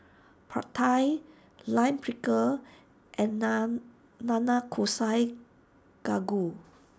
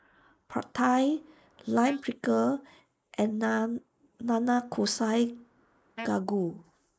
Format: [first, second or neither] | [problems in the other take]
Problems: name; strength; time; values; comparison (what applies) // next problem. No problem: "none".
first | noise reduction (neural mask model Resemble Enhance denoiser)